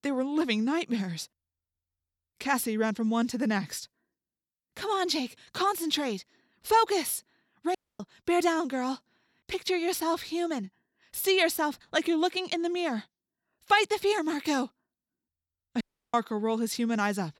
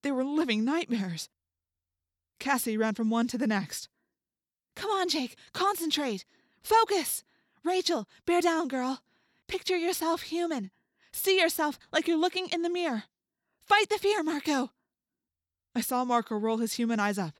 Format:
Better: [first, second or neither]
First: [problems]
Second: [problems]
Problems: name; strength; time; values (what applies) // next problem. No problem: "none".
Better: second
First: audio cutting out; at 8 s and at 16 s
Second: none